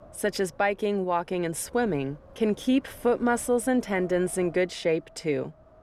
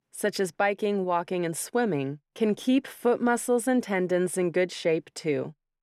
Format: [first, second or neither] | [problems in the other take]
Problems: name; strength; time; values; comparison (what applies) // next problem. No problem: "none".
second | wind noise on the microphone; occasional gusts; 25 dB below the speech